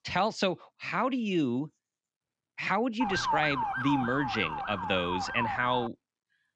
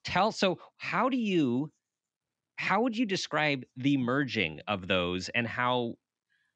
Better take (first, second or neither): second